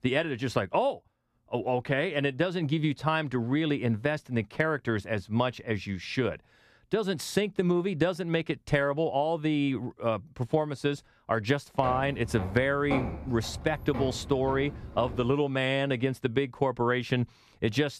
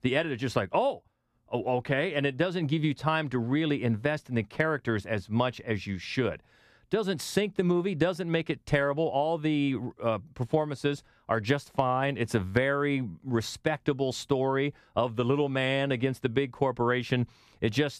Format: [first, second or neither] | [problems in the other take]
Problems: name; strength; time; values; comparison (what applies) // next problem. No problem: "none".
second | footsteps; noticeable; from 12 to 15 s; peak 4 dB below the speech